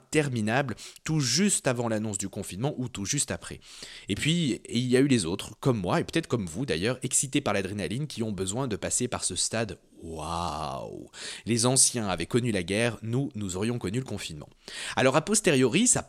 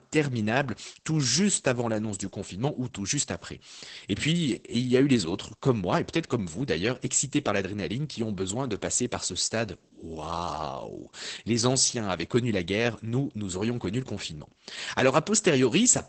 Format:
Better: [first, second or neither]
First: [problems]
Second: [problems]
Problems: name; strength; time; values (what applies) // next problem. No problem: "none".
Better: first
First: none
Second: garbled, watery; badly; nothing above 8 kHz